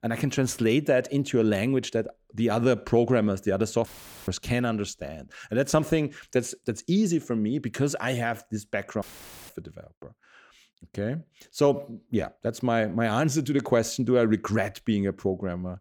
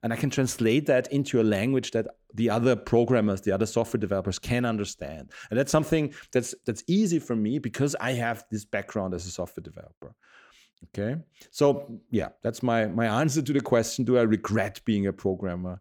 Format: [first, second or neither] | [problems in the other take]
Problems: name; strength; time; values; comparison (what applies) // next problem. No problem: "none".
second | audio cutting out; filled with static; at 4 s and at 9 s